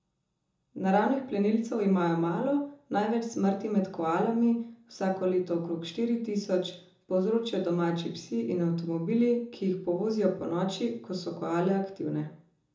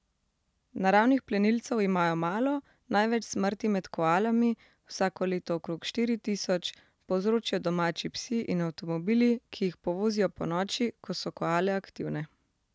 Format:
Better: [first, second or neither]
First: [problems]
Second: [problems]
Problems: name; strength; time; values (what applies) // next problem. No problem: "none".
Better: second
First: room echo; dies away in 0.6 s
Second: none